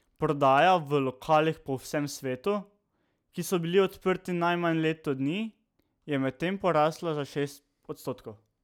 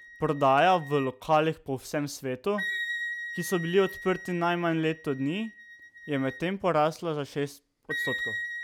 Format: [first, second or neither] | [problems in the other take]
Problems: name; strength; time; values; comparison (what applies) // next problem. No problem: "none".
first | background sound (Wind instrument, woodwind instrument); 10 dB below the speech